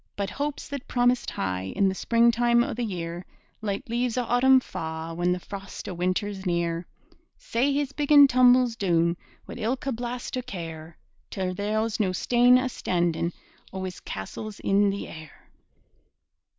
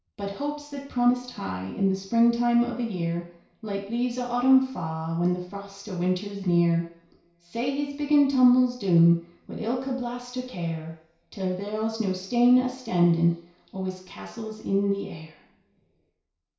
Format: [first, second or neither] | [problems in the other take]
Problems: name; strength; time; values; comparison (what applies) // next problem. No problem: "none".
first | room echo; dies away in 0.6 s